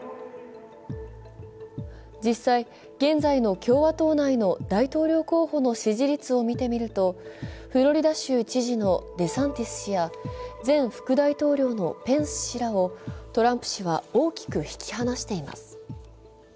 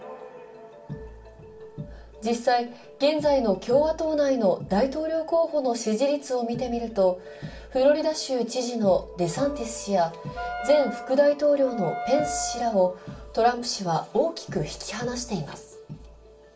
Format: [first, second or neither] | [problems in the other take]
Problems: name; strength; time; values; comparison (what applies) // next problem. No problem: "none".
first | background sound (Wind instrument, woodwind instrument); 9 dB below the speech // room echo; dies away in 0.3 s